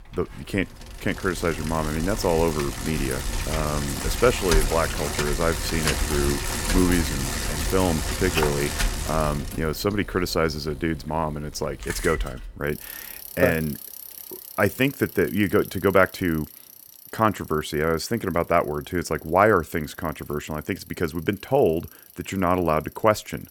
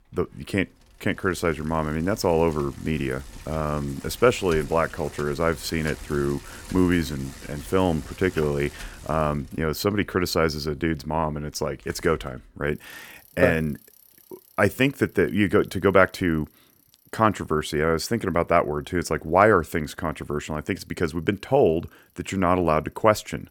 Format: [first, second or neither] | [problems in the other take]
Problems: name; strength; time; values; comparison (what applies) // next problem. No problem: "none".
second | traffic noise; loud; throughout; 5 dB below the speech; faint in the second